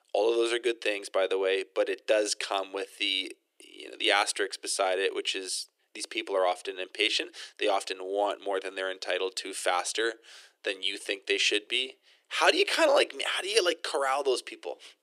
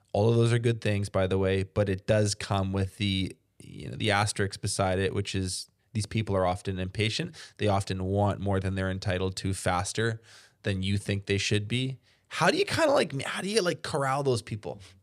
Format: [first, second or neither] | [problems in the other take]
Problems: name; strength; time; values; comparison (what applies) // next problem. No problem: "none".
second | thin; very; fading below 350 Hz